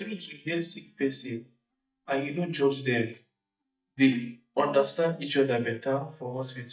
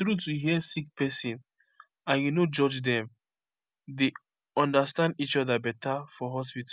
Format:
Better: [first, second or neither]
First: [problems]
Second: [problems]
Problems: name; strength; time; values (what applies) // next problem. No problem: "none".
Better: second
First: noise reduction (neural mask model DeepFilterNet 3)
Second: none